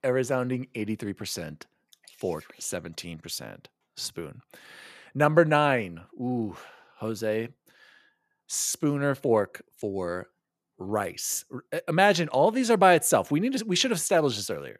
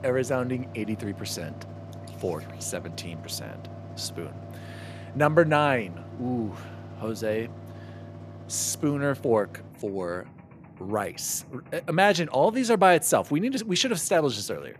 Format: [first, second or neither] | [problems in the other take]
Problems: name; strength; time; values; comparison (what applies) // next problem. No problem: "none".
first | machinery noise; noticeable; throughout; 15 dB below the speech